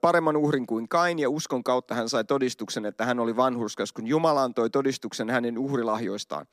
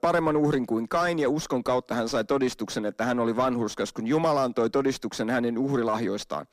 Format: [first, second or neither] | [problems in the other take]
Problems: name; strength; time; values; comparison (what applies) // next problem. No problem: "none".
first | distortion; slight; 10 dB below the speech